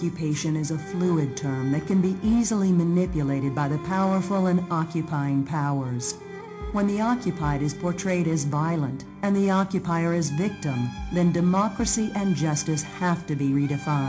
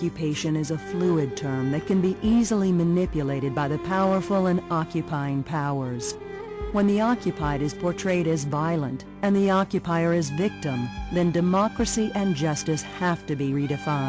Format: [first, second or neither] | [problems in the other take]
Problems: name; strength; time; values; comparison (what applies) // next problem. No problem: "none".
second | room echo; dies away in 0.4 s